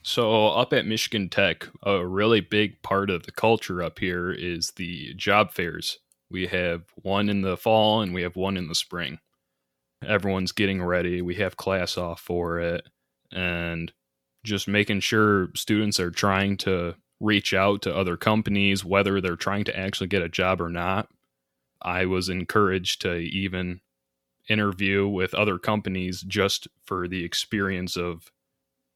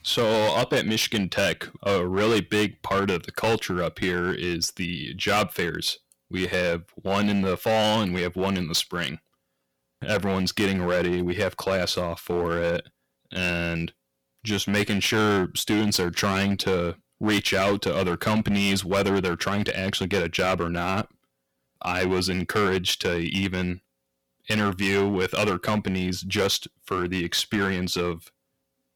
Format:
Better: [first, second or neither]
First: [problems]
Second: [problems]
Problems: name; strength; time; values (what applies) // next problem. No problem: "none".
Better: first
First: none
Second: distortion; heavy; 9% of the sound clipped